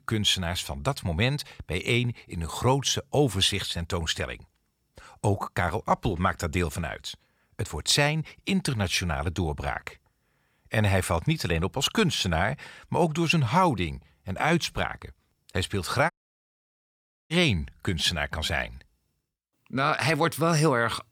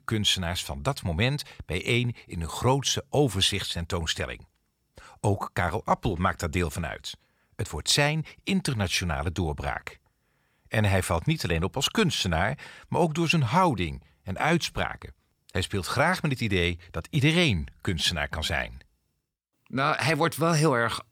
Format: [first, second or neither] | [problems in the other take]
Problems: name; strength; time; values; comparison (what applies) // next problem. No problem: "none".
second | audio cutting out; at 16 s for 1 s